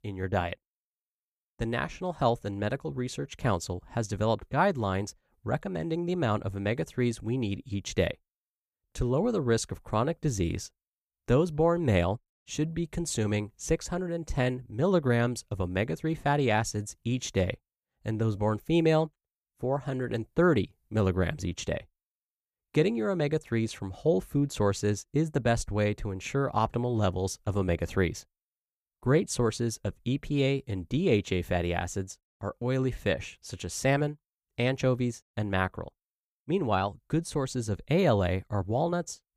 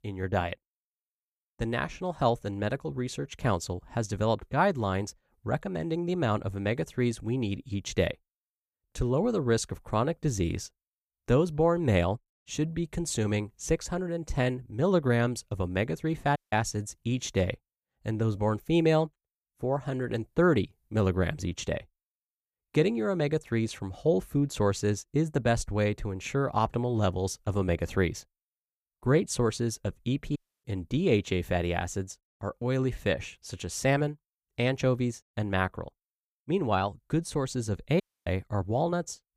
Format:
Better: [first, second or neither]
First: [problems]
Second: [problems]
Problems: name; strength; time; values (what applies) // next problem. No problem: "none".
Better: first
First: none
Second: audio cutting out; at 16 s, at 30 s and at 38 s